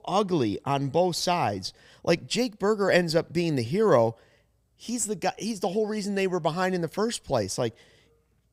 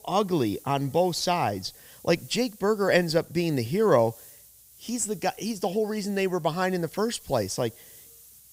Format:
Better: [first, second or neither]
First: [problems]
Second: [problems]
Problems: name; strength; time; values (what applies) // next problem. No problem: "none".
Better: first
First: none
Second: hiss; faint; throughout; 20 dB below the speech